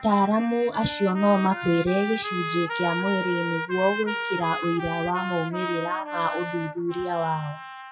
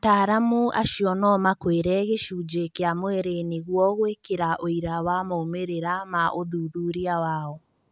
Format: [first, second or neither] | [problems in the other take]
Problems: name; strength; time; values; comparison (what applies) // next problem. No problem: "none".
second | noise reduction (classical method WPE with log-MMSE)